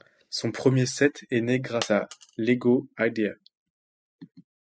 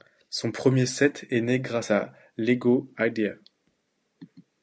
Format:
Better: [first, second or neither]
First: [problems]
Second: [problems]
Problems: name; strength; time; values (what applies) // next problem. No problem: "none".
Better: second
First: noise reduction (classical method spectral subtraction)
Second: none